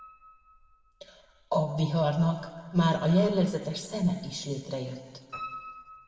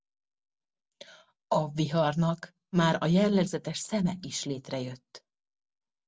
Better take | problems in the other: second | background sound (Piano); 20 dB below the speech // room echo; dies away in 1.7 s

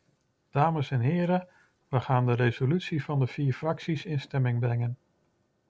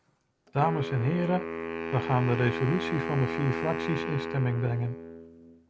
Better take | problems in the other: first | background sound (Wind instrument, woodwind instrument); 5 dB below the speech

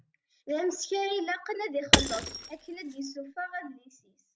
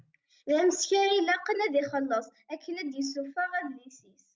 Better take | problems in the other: second | background sound (Shatter / Crushing); 5 dB above the speech

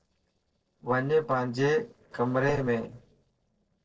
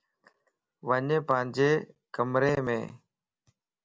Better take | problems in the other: second | noise reduction (neural separator model SepFormer DNS4)

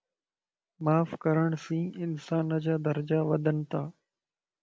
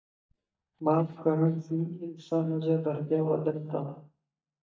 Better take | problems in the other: first | noise reduction (neural mask model DeepFilterNet 3)

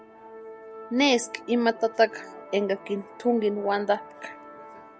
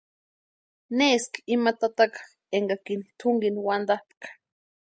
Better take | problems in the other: second | background sound (Musical instrument); 17 dB below the speech

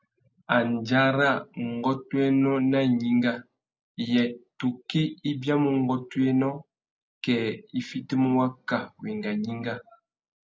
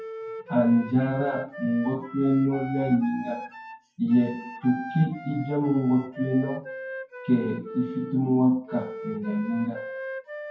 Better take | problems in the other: first | noise reduction (classical method WPE with log-MMSE)

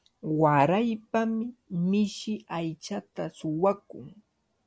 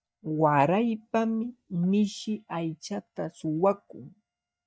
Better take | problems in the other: first | noise reduction (neural mask model DeepFilterNet 3)

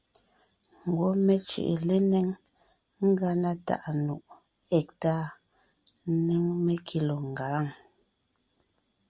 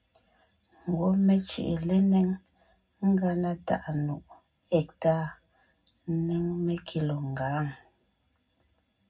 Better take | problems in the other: first | room echo; dies away in 0.3 s

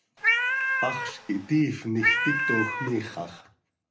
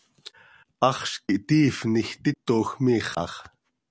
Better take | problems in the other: second | background sound (Cat); 3 dB above the speech // room echo; dies away in 0.3 s

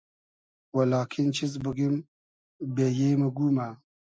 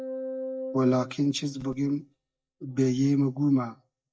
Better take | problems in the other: first | noise reduction (neural mask model DeepFilterNet 3)

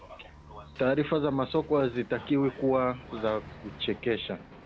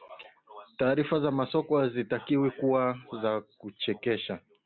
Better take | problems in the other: second | background sound (Bowed string instrument + Hammer); 18 dB below the speech

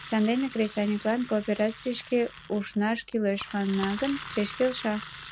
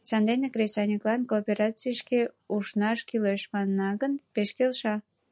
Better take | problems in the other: second | background sound (Engine); 15 dB below the speech

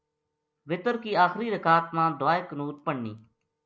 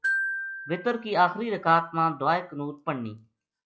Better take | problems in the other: first | noise reduction (classical method log-MMSE)

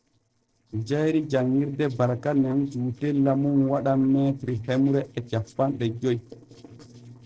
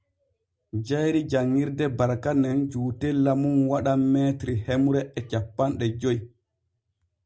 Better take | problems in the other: second | noise reduction (neural separator model SepFormer DNS4)

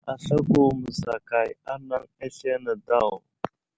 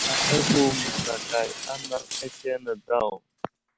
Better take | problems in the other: first | background sound (Shatter); 3 dB below the speech

